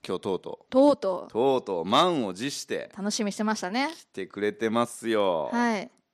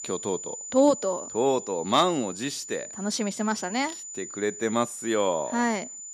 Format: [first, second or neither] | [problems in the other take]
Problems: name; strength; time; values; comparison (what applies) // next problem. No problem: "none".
first | high-pitched whine; noticeable; throughout; 7 kHz, 10 dB below the speech